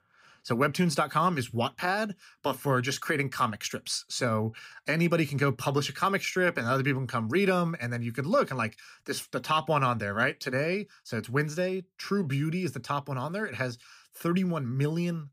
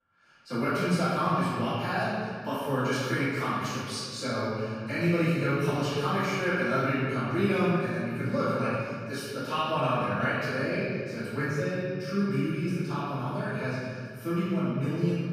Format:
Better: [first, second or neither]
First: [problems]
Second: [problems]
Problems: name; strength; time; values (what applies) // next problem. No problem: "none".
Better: first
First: none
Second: off-mic speech; far // room echo; strong; dies away in 2.1 s